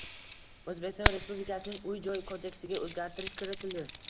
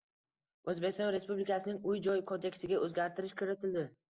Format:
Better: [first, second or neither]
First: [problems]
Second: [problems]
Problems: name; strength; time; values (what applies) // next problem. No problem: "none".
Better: second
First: background sound (Keys jangling); 1 dB above the speech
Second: none